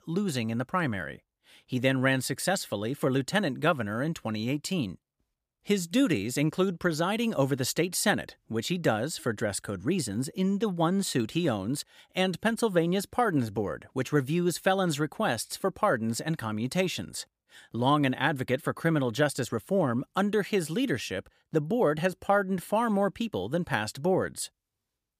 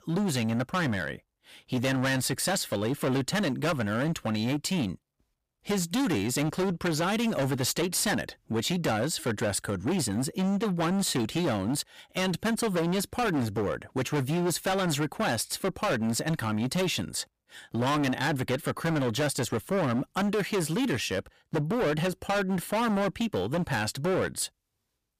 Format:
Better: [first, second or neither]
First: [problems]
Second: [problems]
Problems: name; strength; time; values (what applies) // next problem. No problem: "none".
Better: first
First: none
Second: distortion; heavy; 22% of the sound clipped